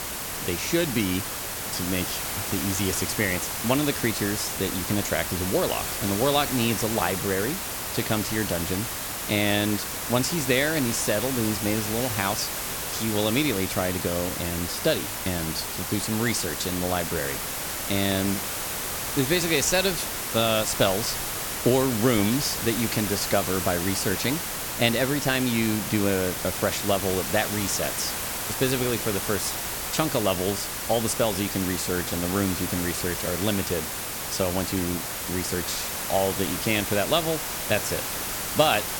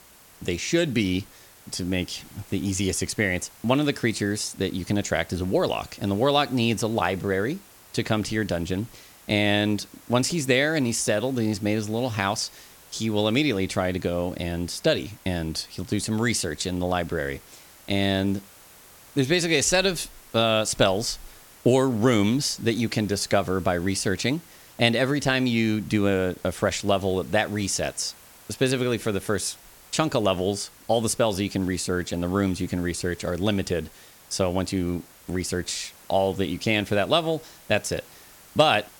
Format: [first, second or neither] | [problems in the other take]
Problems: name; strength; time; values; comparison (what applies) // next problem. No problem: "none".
second | hiss; loud; throughout; 2 dB below the speech; faint in the second